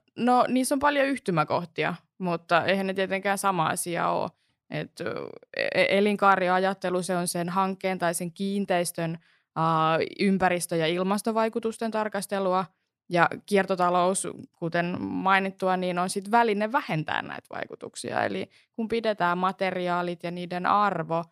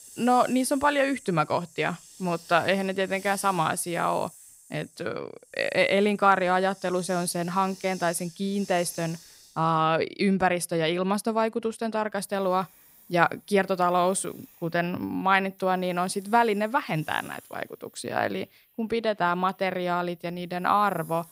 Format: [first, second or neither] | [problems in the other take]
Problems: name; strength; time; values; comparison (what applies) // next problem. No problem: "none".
first | hiss; faint; throughout; 20 dB below the speech